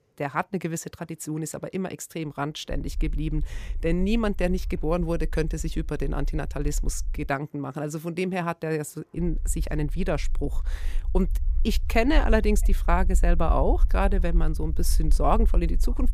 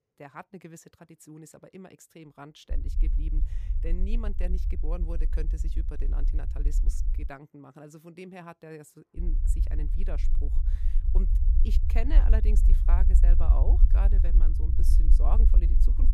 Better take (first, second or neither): first